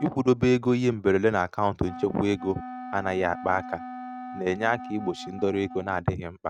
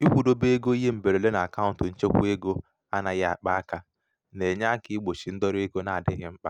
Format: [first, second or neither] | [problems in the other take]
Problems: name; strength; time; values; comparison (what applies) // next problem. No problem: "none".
second | noise reduction (neural mask model RNNoise)